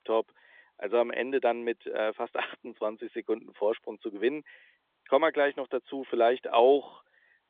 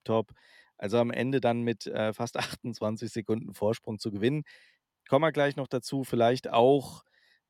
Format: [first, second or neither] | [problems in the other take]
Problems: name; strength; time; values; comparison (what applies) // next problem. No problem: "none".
second | phone-call audio